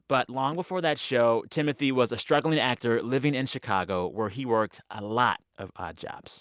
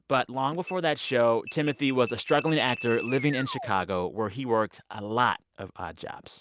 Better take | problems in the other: first | background sound (Alarm); 13 dB below the speech

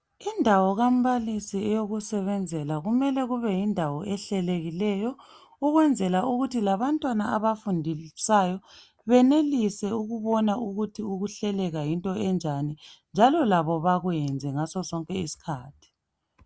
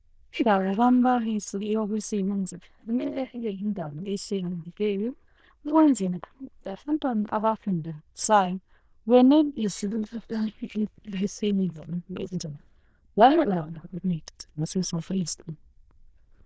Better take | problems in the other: first | noise reduction (neural diffusion model UNIVERSE++)

